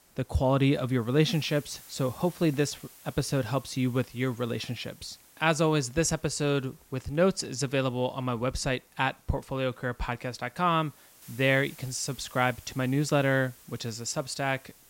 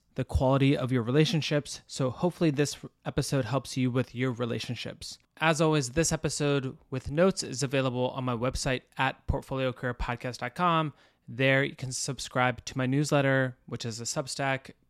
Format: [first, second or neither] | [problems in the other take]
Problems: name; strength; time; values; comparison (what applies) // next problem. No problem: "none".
second | hiss; faint; throughout; 25 dB below the speech